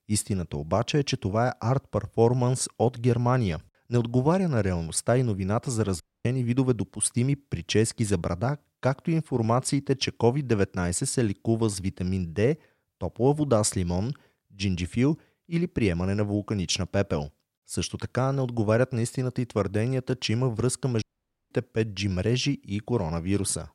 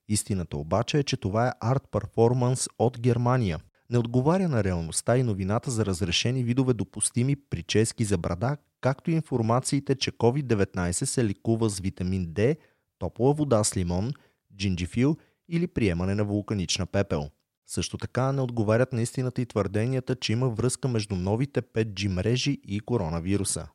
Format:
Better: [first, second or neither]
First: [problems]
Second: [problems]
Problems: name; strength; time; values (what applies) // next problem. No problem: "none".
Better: second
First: audio cutting out; at 6 s and at 21 s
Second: none